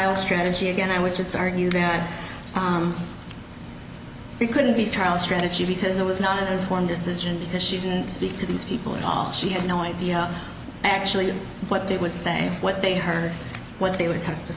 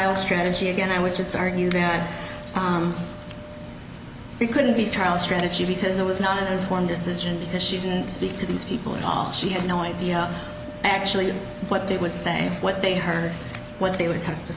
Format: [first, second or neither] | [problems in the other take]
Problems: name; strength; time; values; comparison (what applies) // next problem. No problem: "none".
first | background sound (Wind instrument, woodwind instrument); 17 dB below the speech